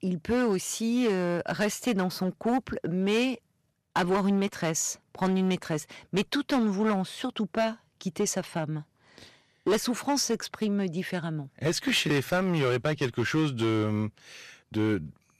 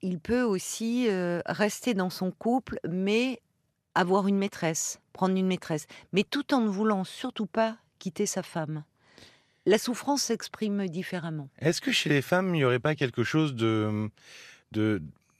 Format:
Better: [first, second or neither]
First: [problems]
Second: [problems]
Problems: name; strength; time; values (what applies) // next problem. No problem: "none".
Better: second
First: distortion; slight; 6% of the sound clipped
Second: none